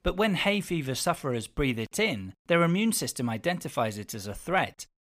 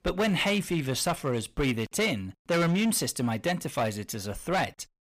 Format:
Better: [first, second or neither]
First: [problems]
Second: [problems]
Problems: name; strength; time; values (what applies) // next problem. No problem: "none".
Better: first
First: none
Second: distortion; slight; 10% of the sound clipped